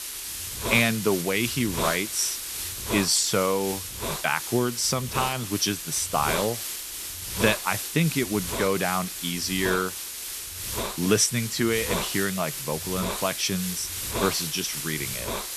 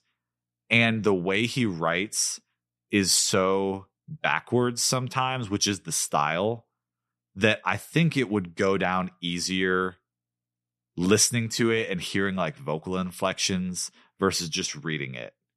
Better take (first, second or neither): second